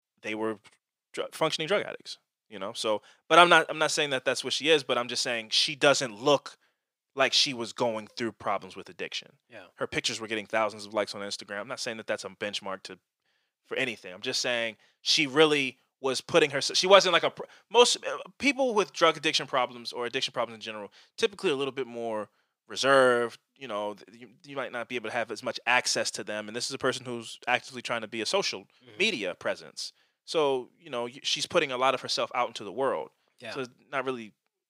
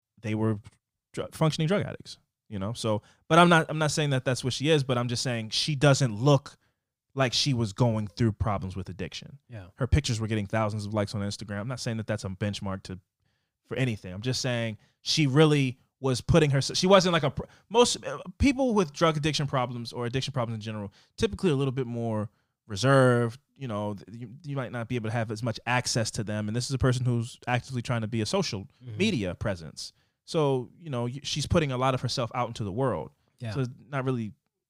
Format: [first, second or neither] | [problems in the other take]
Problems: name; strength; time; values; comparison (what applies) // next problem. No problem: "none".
second | thin; somewhat; fading below 450 Hz